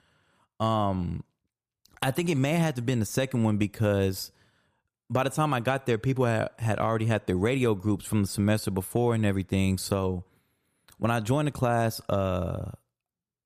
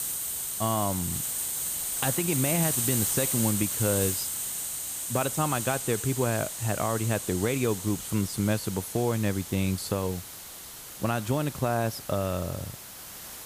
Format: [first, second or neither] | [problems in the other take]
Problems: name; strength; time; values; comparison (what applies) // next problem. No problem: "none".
first | hiss; loud; throughout; 2 dB below the speech